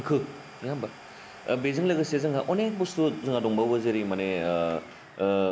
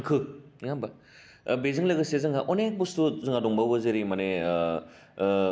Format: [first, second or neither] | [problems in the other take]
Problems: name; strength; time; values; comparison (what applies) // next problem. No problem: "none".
second | background sound (Domestic sounds, home sounds); 19 dB below the speech